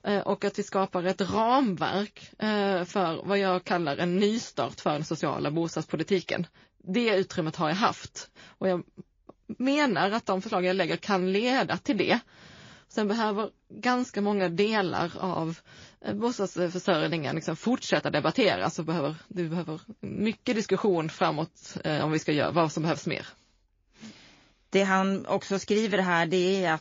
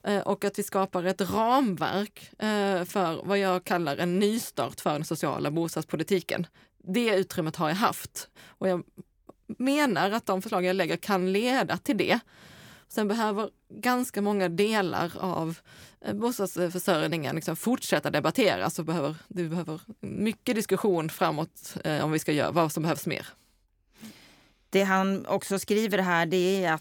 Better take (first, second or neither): second